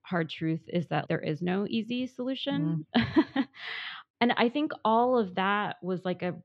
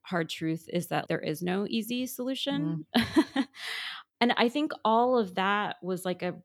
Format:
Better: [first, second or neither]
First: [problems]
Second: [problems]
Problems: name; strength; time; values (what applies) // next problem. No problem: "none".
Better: second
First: muffled; very slightly; fading above 3.5 kHz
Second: none